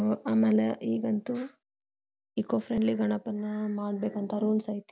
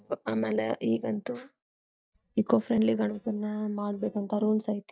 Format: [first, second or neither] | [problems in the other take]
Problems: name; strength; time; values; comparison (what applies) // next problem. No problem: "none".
first | noise reduction (neural mask model DeepFilterNet 3)